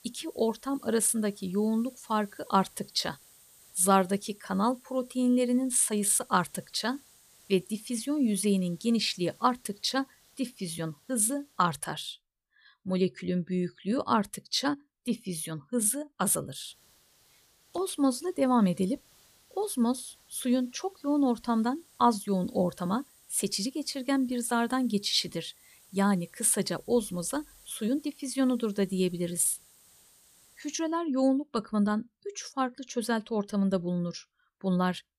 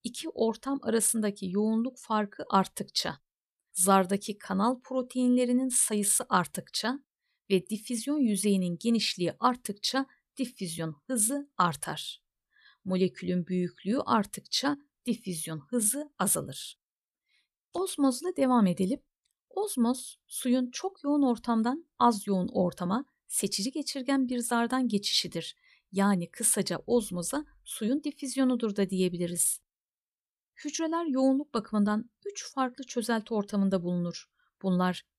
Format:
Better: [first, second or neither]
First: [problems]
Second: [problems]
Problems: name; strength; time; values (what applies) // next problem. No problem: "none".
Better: second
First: hiss; faint; until 12 s and from 17 to 31 s; 25 dB below the speech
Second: none